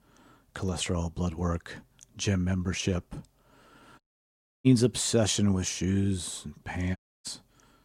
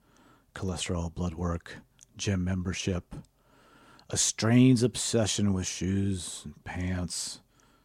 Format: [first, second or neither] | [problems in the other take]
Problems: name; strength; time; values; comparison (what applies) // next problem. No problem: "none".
second | audio cutting out; at 4 s for 0.5 s and at 7 s